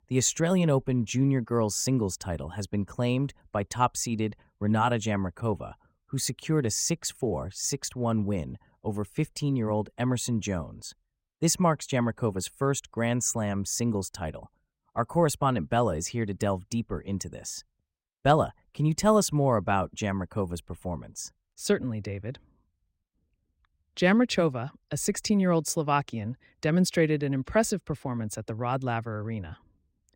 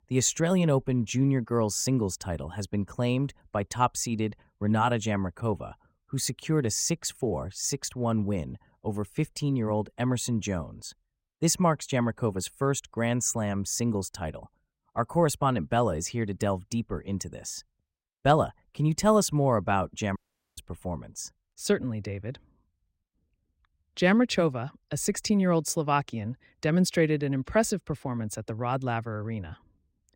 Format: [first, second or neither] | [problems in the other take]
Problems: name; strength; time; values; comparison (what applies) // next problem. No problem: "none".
first | audio cutting out; at 20 s